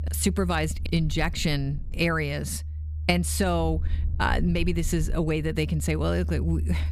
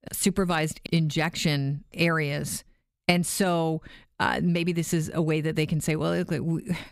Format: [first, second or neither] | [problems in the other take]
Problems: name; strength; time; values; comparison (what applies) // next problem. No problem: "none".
second | low rumble; faint; throughout; 20 dB below the speech